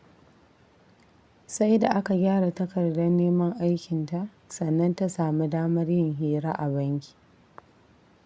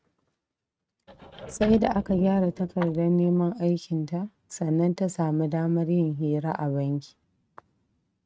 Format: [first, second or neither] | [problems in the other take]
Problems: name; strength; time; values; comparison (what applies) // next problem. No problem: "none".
first | noise reduction (neural mask model RNNoise)